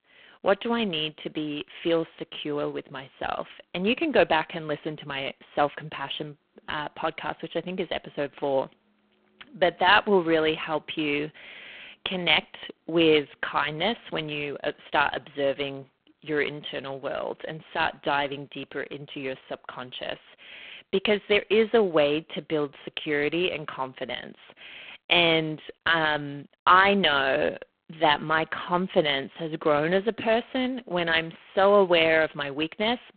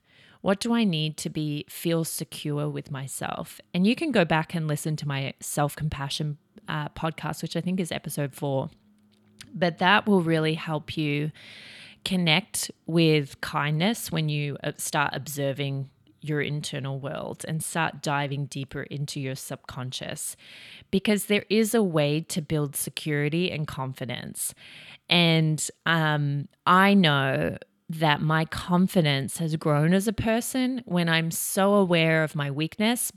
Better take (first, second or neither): second